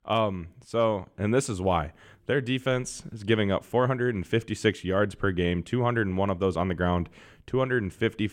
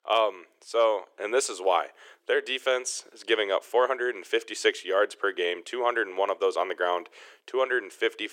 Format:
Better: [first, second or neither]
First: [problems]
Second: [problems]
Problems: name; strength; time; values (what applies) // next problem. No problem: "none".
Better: first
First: none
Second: thin; very; fading below 400 Hz